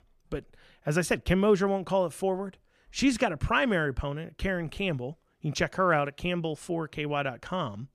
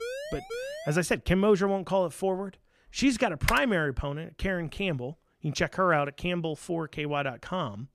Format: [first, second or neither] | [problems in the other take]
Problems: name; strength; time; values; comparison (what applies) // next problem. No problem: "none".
first | siren; noticeable; at the start; peak 8 dB below the speech // keyboard typing; noticeable; at 3.5 s; peak 3 dB below the speech